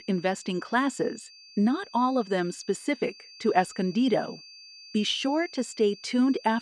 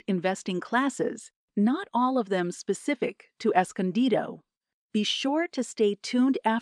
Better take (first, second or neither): second